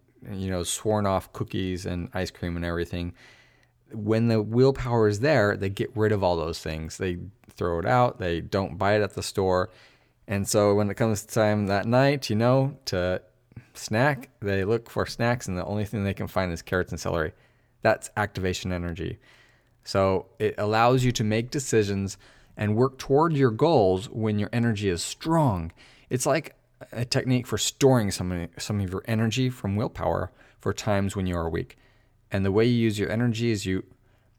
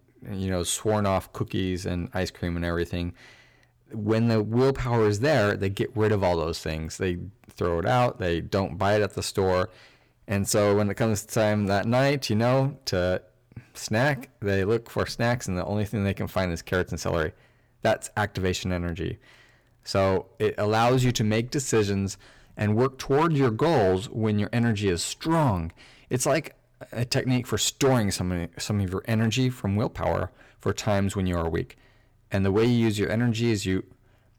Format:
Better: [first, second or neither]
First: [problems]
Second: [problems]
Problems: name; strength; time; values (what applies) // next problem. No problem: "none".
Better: first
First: none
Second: distortion; slight; 5% of the sound clipped